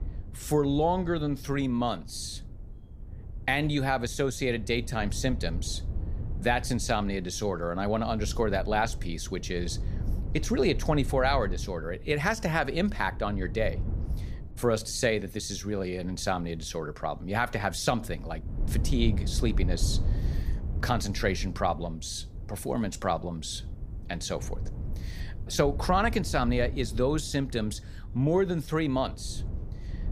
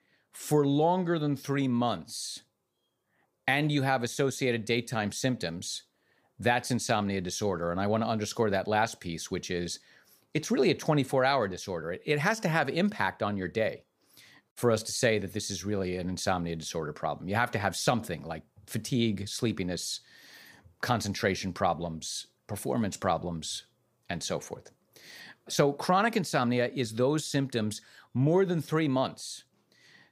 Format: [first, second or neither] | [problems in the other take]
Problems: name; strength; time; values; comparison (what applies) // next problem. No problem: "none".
second | wind noise on the microphone; occasional gusts; 20 dB below the speech